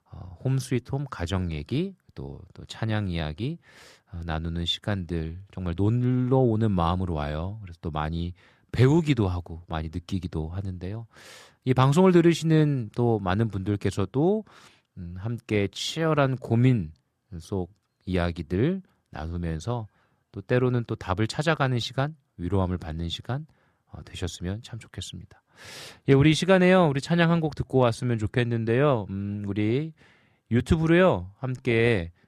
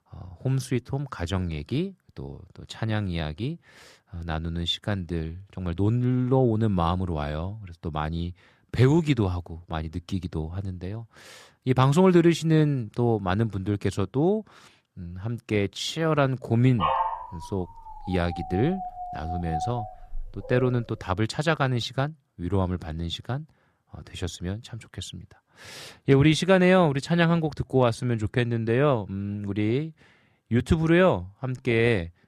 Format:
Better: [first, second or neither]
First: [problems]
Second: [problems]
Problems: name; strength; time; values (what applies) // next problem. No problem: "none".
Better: first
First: none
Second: dog barking; loud; from 17 to 21 s; peak level with the speech